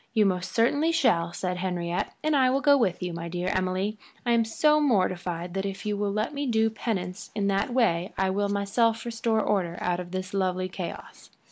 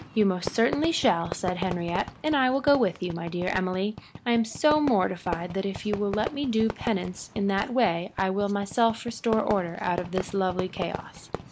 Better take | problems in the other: first | background sound (Fireworks); 12 dB below the speech

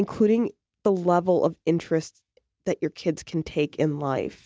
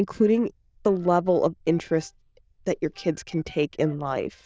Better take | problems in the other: first | noise reduction (neural diffusion model UNIVERSE++)

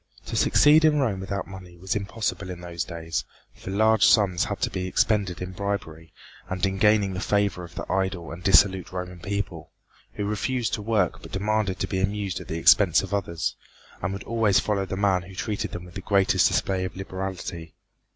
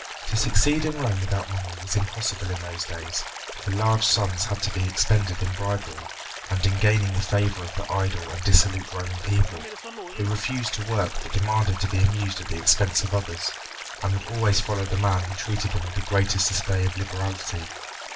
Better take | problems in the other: first | background sound (Stream); 12 dB below the speech // room echo; dies away in 0.2 s

